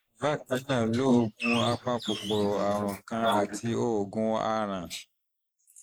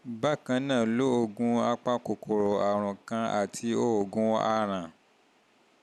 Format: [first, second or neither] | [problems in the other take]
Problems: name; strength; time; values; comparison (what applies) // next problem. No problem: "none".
second | noise reduction (neural mask model Resemble Enhance denoiser)